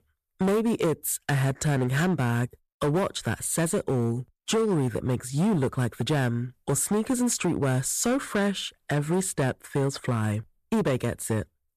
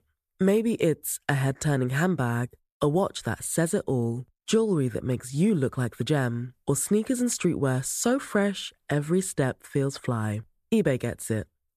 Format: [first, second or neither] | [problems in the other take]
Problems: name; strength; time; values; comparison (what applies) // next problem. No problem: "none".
second | distortion; slight; 13% of the sound clipped